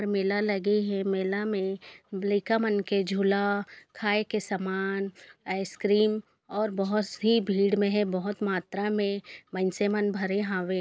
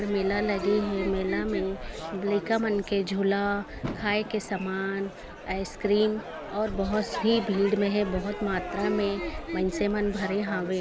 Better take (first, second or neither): first